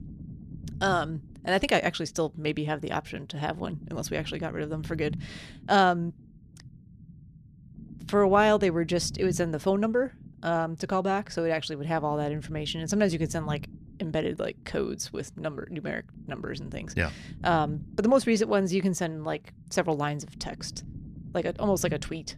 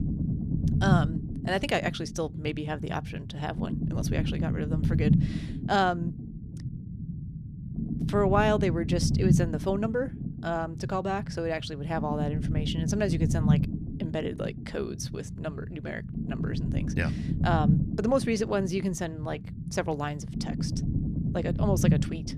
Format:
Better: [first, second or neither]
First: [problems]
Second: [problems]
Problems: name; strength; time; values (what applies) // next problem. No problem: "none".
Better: first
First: low rumble; faint; throughout; 25 dB below the speech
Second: low rumble; loud; throughout; 8 dB below the speech